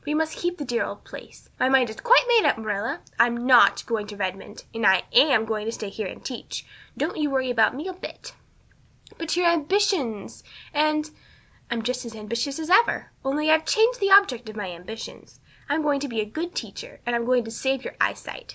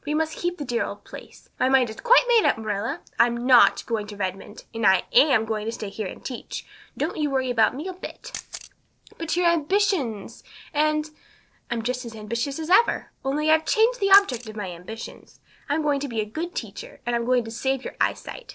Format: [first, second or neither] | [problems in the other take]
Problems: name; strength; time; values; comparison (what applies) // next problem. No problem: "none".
first | noise reduction (neural separator model SepFormer DNS4)